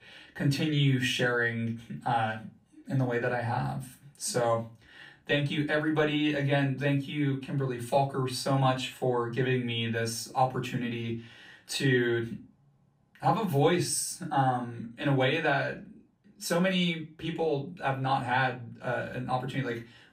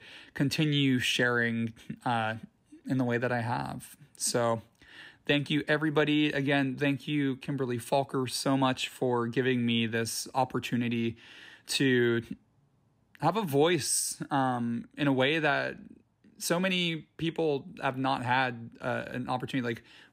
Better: second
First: off-mic speech; far // room echo; very slight; dies away in 0.2 s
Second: none

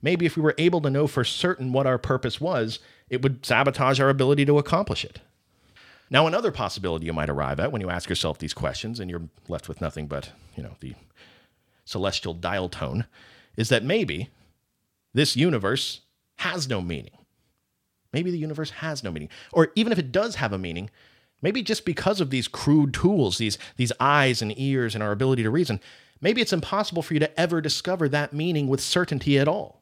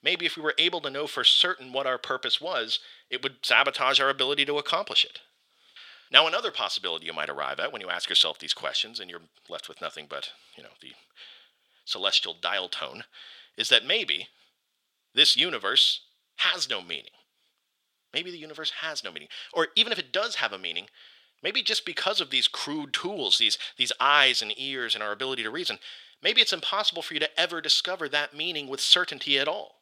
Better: first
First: none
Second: thin; very; fading below 500 Hz

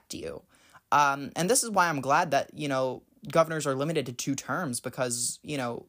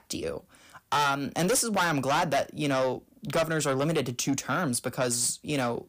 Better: first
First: none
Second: distortion; heavy; 6 dB below the speech

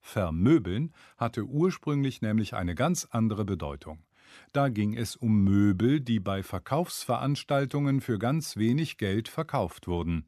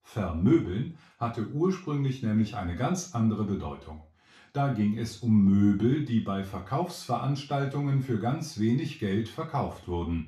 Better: first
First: none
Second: room echo; slight; dies away in 0.4 s // off-mic speech; far

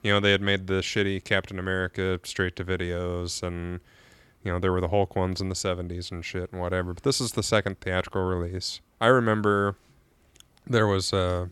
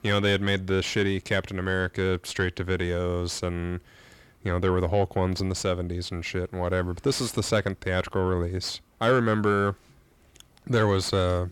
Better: first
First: none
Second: distortion; slight; 10 dB below the speech

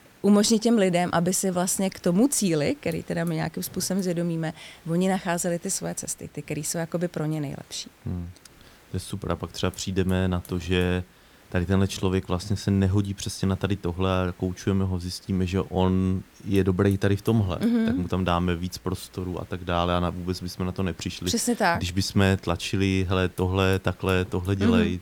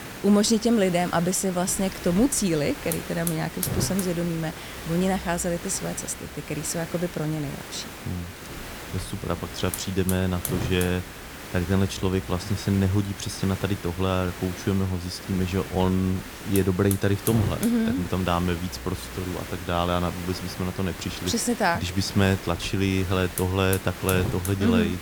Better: first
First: hiss; faint; throughout; 25 dB below the speech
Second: hiss; loud; throughout; 9 dB below the speech

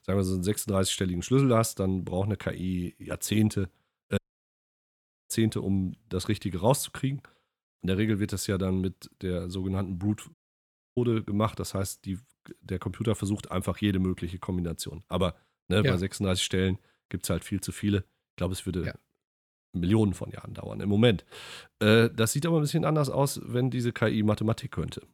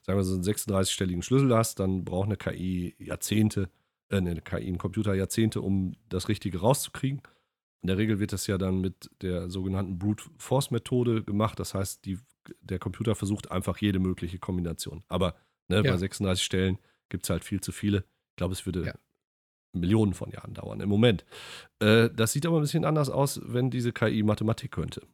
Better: second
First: audio cutting out; at 4 s for 1 s and at 10 s for 0.5 s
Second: none

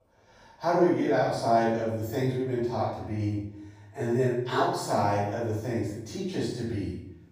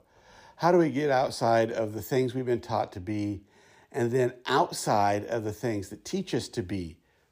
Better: second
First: off-mic speech; far // room echo; strong; dies away in 0.8 s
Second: none

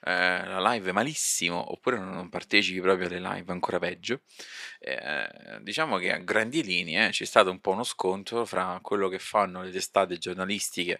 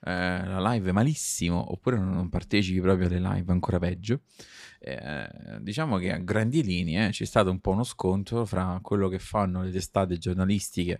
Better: second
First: thin; somewhat; fading below 400 Hz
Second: none

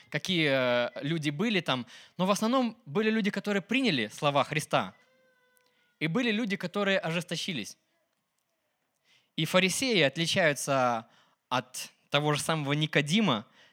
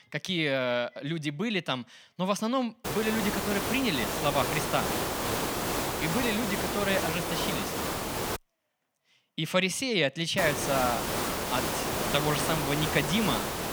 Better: first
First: none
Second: hiss; loud; from 3 to 8.5 s and from 10 s on; 1 dB below the speech

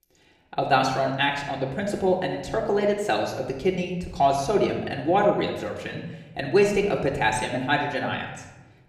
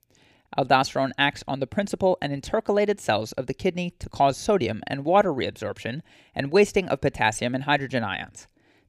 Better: second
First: room echo; slight; dies away in 0.8 s // off-mic speech; somewhat distant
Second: none

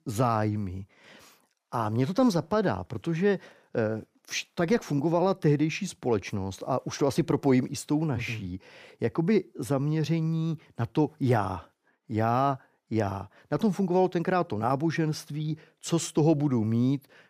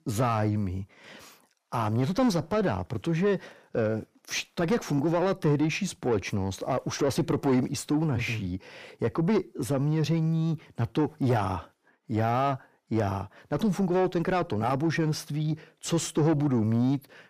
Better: first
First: none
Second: distortion; slight; 10 dB below the speech

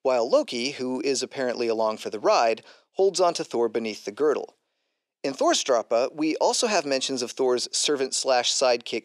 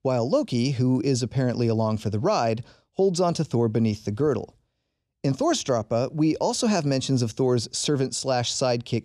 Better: second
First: thin; somewhat; fading below 350 Hz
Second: none

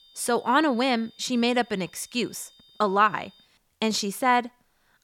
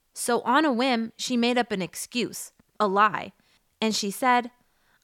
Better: second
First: high-pitched whine; faint; until 3.5 s; 3.5 kHz, 30 dB below the speech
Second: none

